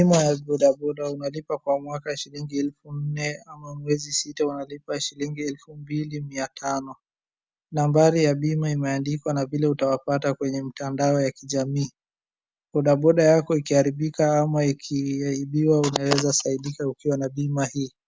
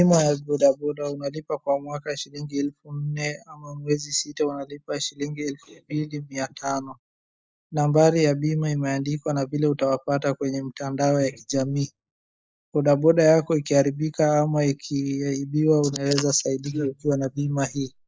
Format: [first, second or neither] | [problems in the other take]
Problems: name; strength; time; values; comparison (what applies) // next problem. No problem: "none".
first | noise reduction (neural mask model Resemble Enhance denoiser)